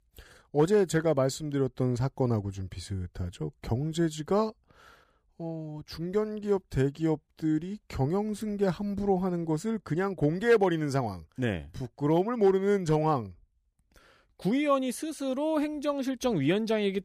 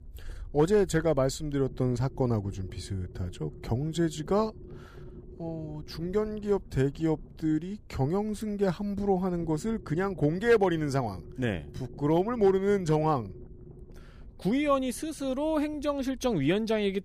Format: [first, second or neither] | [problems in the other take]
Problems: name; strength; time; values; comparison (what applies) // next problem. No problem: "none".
first | low rumble; faint; throughout; 25 dB below the speech